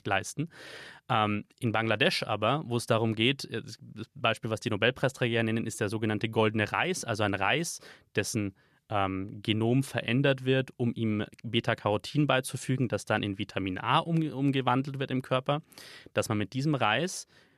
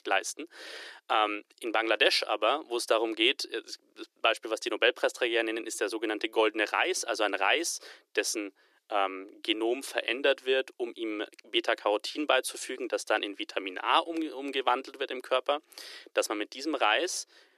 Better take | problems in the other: first | thin; very; fading below 350 Hz

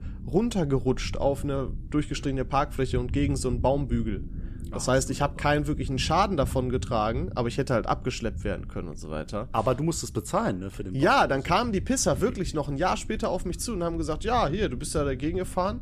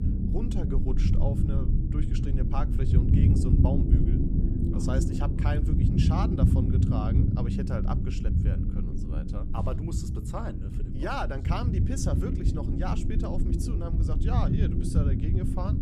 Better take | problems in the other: first | low rumble; loud; throughout; as loud as the speech; faint in the first

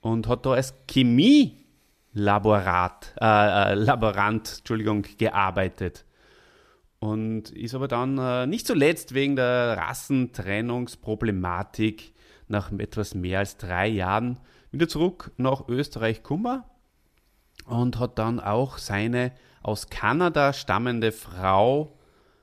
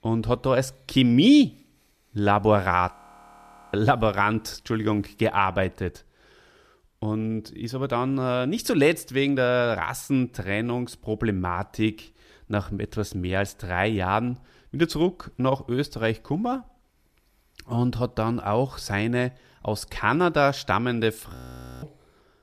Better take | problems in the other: first | audio freezing; at 3 s for 1 s and at 21 s

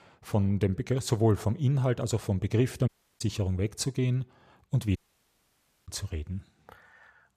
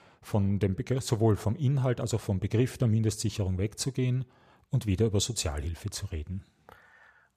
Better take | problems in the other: second | audio cutting out; at 3 s and at 5 s for 1 s

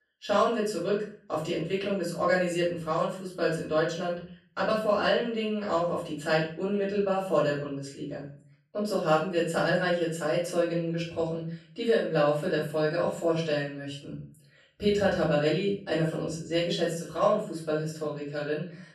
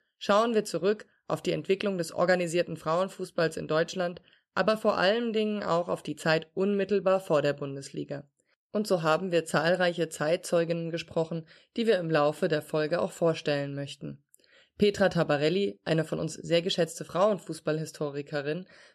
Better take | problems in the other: second | room echo; noticeable; dies away in 0.4 s // off-mic speech; far

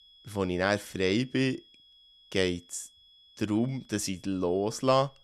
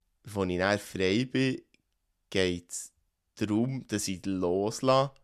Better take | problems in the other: second | high-pitched whine; faint; throughout; 3.5 kHz, 25 dB below the speech

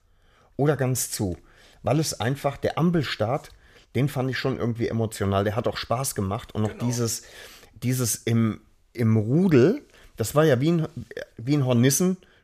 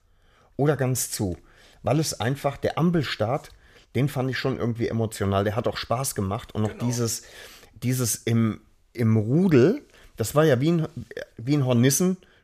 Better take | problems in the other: neither | none

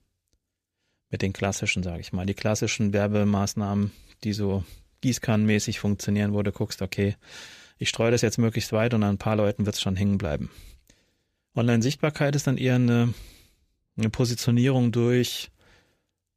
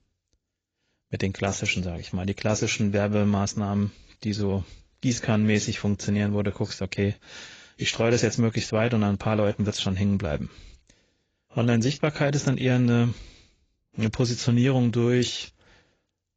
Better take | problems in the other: first | garbled, watery; badly; nothing above 7.5 kHz

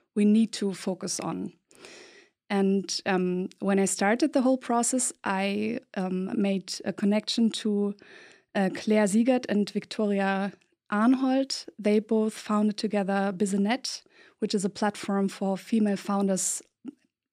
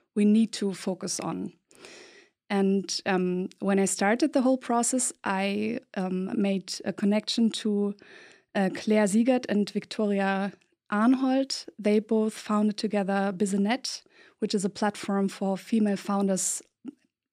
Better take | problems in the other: neither | none

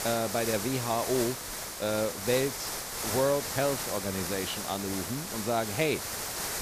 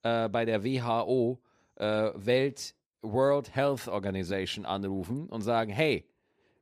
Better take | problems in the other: second | hiss; loud; throughout; 3 dB below the speech

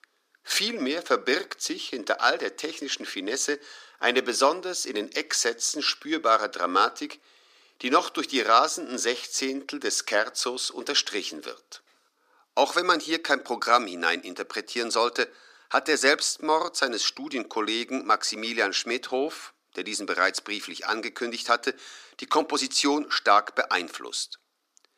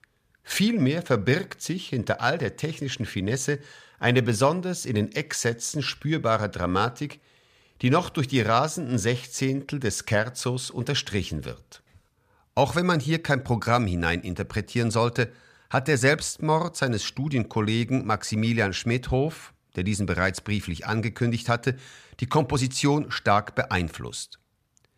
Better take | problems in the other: second | thin; somewhat; fading below 300 Hz

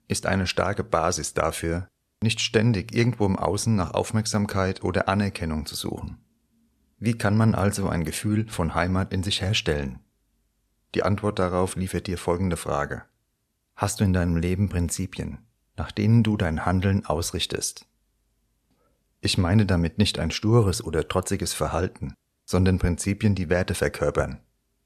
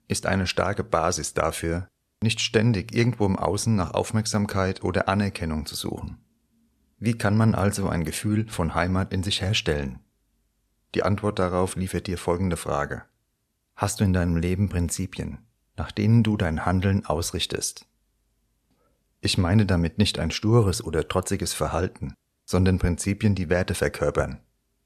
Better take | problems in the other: neither | none

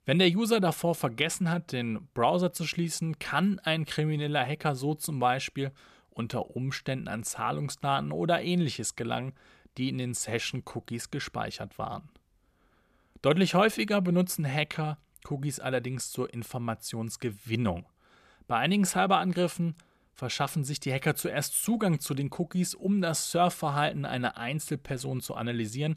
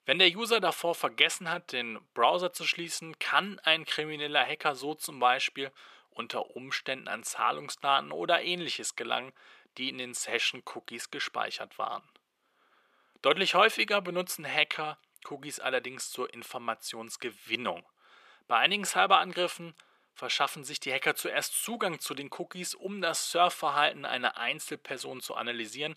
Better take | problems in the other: first | thin; very; fading below 400 Hz

